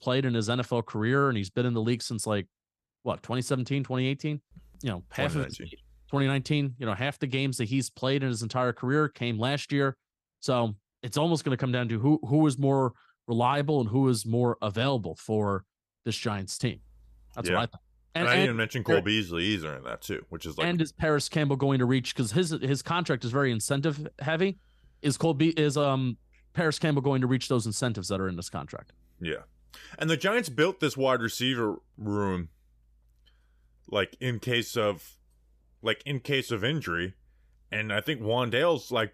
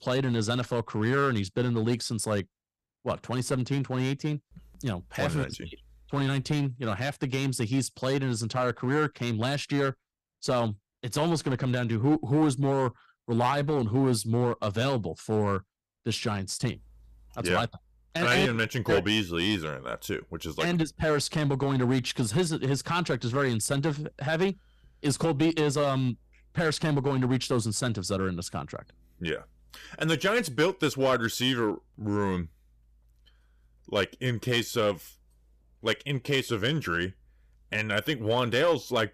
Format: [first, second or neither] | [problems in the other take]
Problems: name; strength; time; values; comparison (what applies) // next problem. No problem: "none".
first | distortion; slight; 4% of the sound clipped